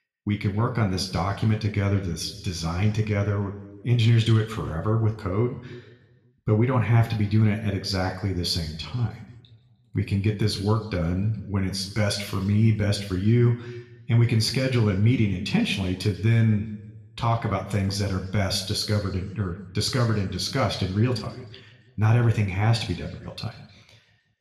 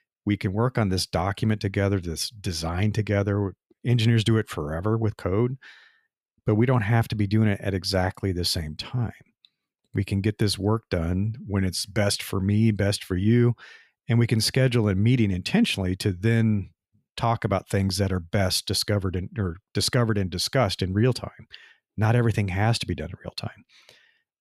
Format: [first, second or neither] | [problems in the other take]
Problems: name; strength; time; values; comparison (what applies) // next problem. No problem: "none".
second | room echo; slight; dies away in 0.9 s